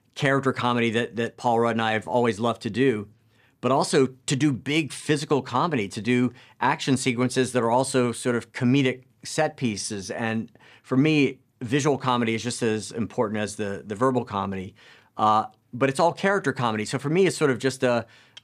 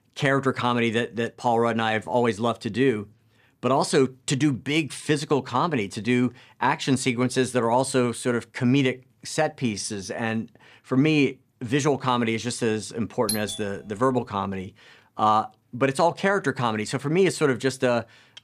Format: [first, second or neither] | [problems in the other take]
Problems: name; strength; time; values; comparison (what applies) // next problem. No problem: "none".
first | doorbell; noticeable; at 13 s; peak 5 dB below the speech